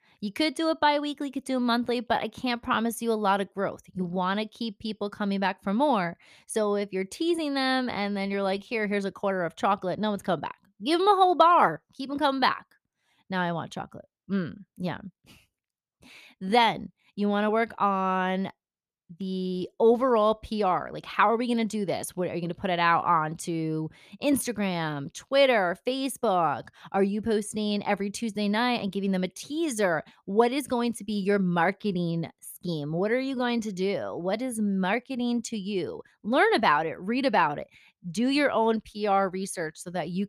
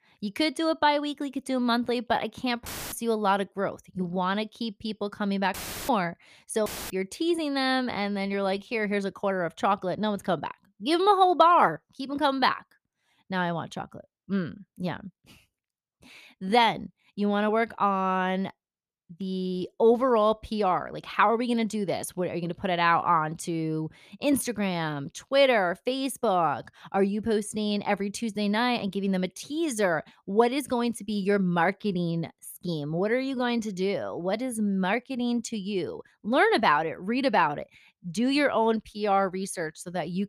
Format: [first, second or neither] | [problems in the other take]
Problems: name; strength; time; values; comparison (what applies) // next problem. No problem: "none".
first | audio cutting out; filled with static; at 2.5 s, at 5.5 s and at 6.5 s